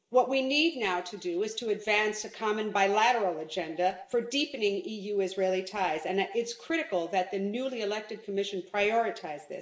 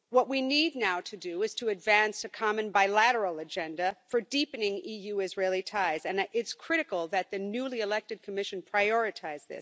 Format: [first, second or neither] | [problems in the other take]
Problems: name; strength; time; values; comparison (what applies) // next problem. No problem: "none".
second | room echo; dies away in 0.6 s